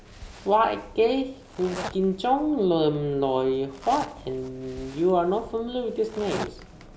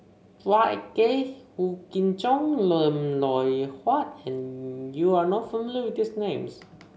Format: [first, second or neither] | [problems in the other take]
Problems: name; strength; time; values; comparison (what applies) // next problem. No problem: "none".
second | background sound (Zipper (clothing)); 15 dB below the speech